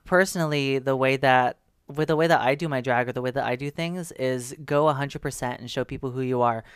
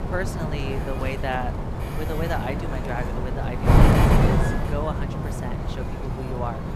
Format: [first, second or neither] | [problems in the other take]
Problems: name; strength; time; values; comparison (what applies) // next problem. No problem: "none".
first | wind noise on the microphone; heavy; 3 dB above the speech